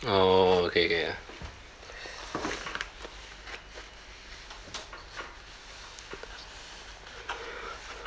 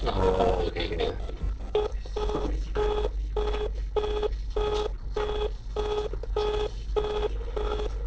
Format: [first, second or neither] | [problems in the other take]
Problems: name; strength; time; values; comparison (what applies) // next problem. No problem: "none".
first | noise reduction (neural separator model SepFormer DNS4)